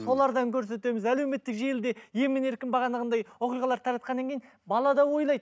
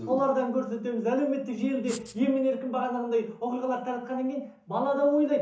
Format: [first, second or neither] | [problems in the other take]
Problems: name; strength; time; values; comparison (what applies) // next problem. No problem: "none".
first | background sound (Writing); 17 dB below the speech // room echo; dies away in 0.7 s